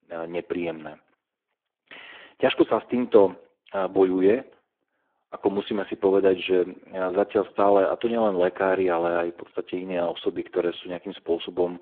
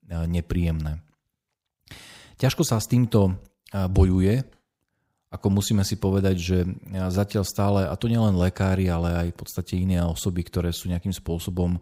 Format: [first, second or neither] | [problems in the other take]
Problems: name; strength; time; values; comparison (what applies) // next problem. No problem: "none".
second | phone-call audio; poor line